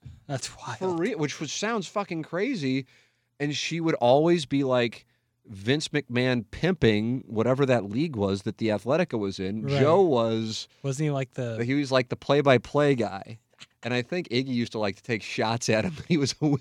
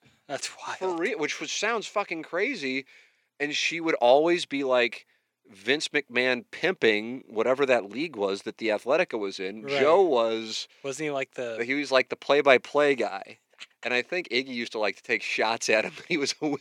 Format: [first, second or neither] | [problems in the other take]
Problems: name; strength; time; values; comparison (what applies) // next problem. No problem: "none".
first | thin; somewhat; fading below 400 Hz